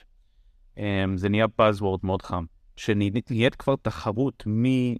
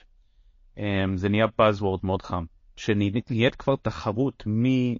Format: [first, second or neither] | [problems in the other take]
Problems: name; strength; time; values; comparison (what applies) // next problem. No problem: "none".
first | garbled, watery; slightly; nothing above 6.5 kHz